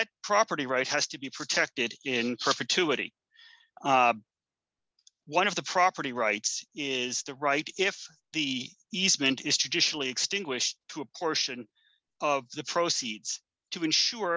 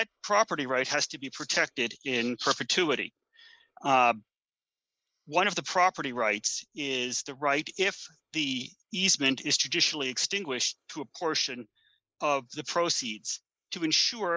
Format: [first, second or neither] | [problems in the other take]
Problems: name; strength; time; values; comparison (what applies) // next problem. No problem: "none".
first | noise reduction (neural mask model Resemble Enhance denoiser)